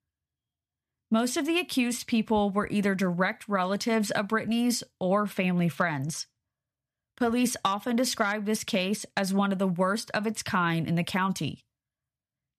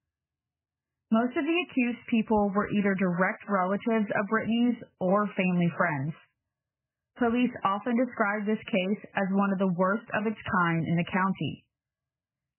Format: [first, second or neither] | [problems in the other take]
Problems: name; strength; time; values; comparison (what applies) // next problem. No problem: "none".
first | garbled, watery; badly; nothing above 3 kHz